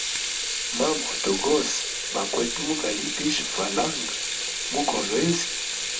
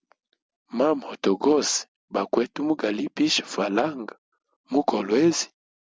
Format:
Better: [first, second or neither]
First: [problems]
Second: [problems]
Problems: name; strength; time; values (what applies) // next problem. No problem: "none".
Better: second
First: background sound (Sink (filling or washing) / Water tap, faucet); as loud as the speech // room echo; dies away in 0.2 s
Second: none